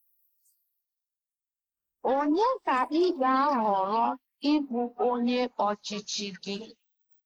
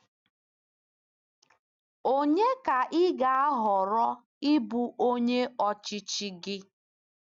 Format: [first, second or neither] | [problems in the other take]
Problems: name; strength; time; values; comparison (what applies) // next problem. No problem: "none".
second | noise reduction (neural mask model Resemble Enhance denoiser)